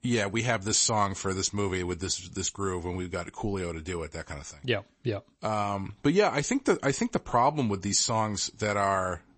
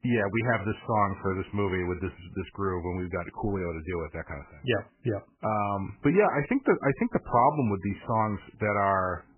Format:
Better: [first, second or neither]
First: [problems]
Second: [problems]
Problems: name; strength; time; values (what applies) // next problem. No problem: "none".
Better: first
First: garbled, watery; slightly; nothing above 8 kHz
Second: garbled, watery; badly; nothing above 3 kHz